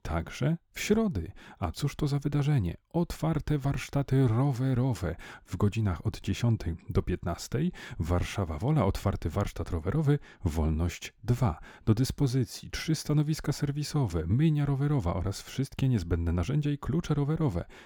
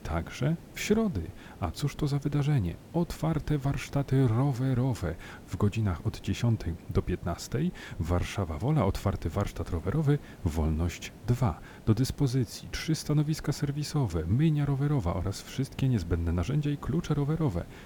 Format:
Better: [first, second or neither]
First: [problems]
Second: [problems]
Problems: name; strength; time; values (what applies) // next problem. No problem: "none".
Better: first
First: none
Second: hiss; faint; throughout; 20 dB below the speech